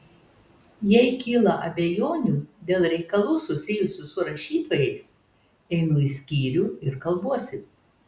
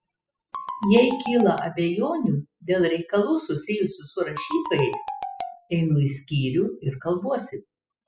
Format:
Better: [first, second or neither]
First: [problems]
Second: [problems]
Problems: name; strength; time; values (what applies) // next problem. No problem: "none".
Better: first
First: none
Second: noise reduction (classical method spectral subtraction)